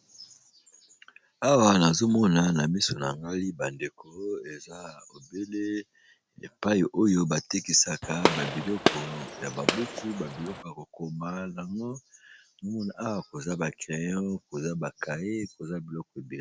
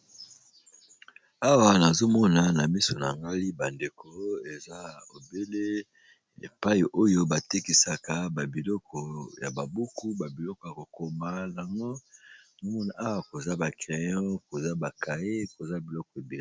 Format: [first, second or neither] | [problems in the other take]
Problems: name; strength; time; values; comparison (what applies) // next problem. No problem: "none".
second | background sound (Gunshot, gunfire); 1 dB below the speech